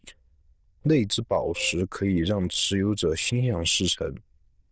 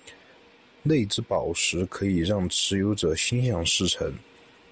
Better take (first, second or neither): second